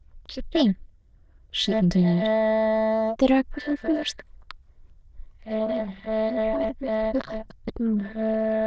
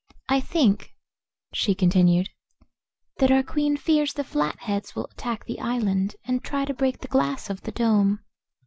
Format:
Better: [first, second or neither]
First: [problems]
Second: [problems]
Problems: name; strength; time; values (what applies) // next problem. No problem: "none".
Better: second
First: noise reduction (neural diffusion model UNIVERSE++)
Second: none